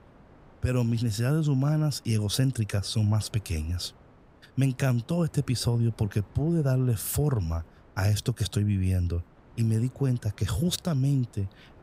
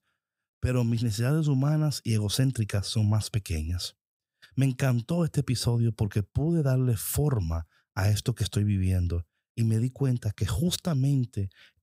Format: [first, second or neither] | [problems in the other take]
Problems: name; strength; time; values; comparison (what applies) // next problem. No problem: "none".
second | wind noise on the microphone; occasional gusts; 25 dB below the speech